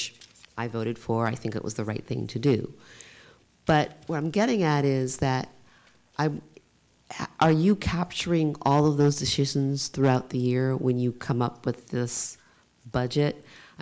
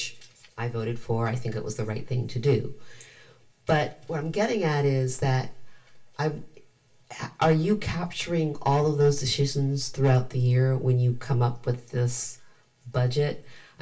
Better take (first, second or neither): first